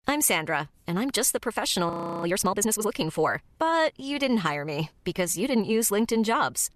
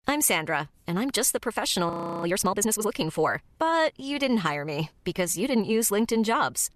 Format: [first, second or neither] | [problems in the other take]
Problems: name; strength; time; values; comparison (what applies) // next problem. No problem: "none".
neither | audio freezing; at 2 s; the same in both